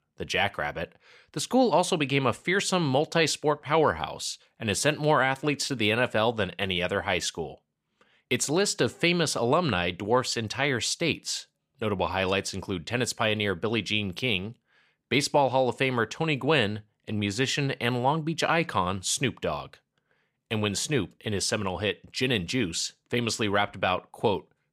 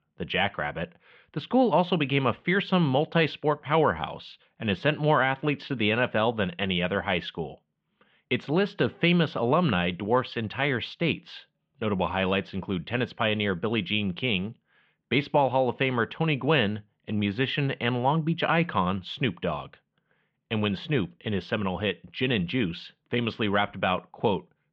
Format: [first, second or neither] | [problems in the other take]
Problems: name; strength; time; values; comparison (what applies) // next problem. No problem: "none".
first | muffled; very; fading above 3.5 kHz